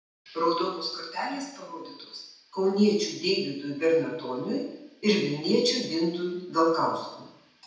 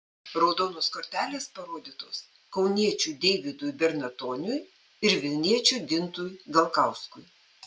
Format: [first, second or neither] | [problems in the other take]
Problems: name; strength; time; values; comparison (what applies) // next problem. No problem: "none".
second | room echo; dies away in 0.8 s